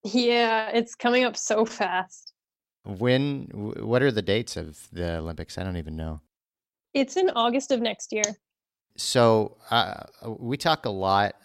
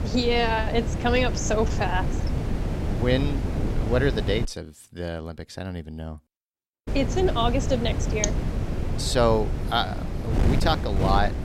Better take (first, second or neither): first